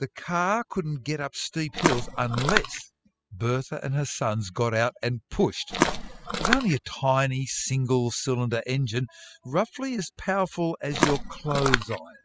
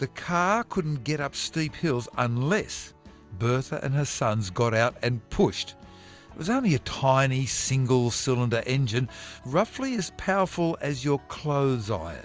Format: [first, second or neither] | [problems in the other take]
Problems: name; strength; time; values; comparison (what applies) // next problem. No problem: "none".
second | noise reduction (classical method spectral subtraction)